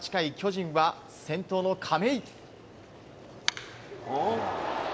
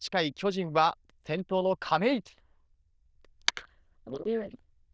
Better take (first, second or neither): first